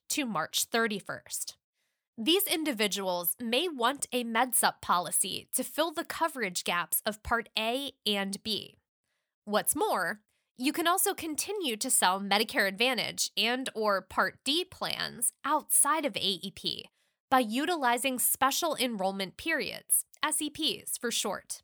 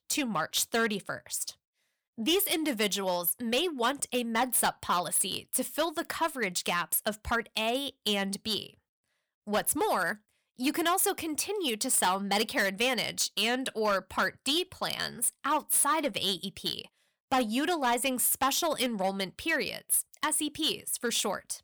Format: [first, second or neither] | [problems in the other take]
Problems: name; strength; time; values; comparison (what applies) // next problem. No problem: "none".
first | distortion; slight; 5% of the sound clipped